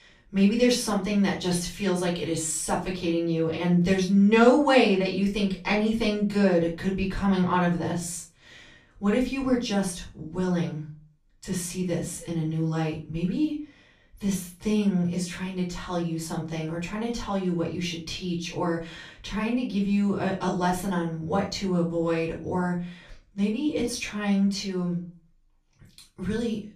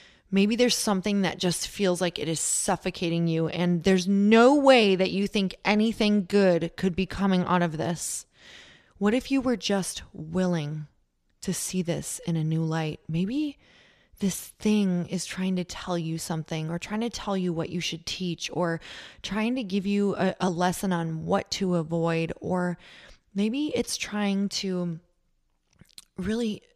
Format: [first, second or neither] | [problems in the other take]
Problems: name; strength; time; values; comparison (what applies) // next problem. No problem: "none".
second | off-mic speech; far // room echo; slight; dies away in 0.3 s